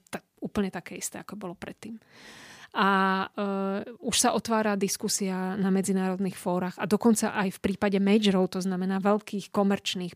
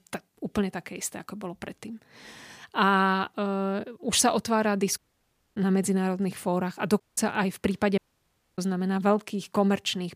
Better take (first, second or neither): first